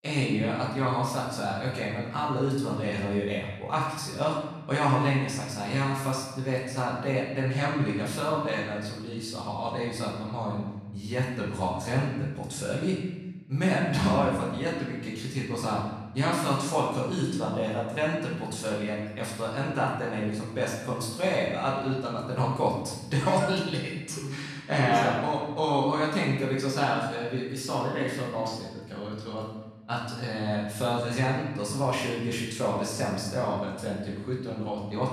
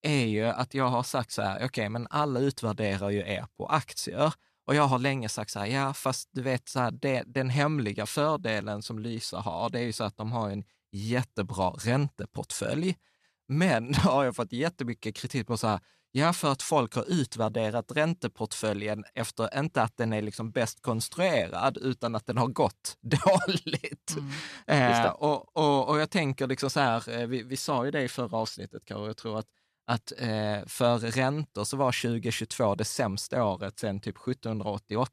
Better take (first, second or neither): second